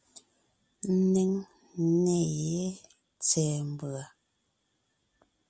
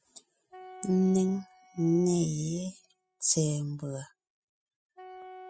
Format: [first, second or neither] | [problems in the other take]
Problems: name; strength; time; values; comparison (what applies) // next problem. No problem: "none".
first | noise reduction (classical method spectral subtraction)